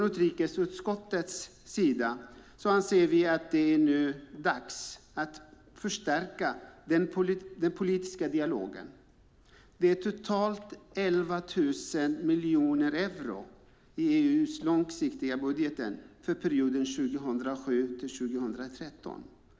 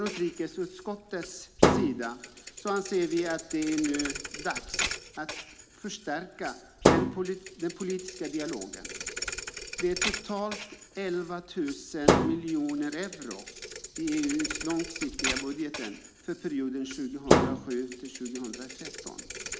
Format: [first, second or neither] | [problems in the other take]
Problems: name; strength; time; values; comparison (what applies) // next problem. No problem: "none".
first | background sound (Thump, thud); 1 dB above the speech